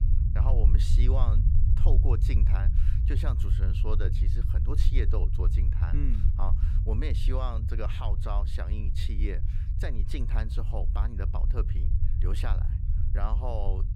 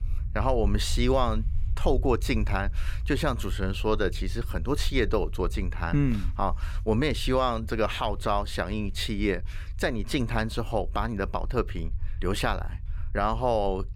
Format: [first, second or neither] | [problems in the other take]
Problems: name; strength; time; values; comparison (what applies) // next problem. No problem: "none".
second | low rumble; loud; throughout; 5 dB below the speech; faint in the second